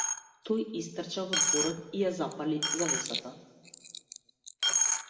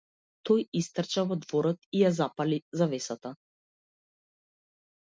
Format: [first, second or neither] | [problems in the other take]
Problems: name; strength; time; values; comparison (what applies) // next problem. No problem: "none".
second | background sound (Coin (dropping)); 2 dB above the speech // room echo; dies away in 1.4 s